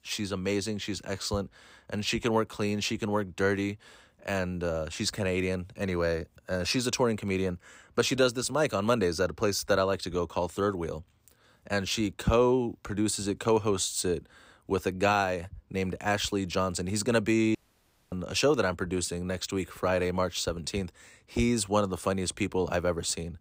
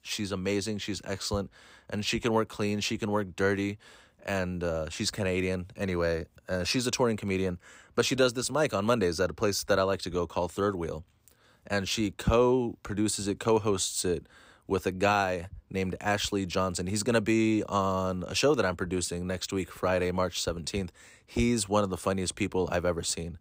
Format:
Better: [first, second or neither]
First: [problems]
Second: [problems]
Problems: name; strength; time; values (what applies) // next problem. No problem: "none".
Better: second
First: audio cutting out; at 18 s for 0.5 s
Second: none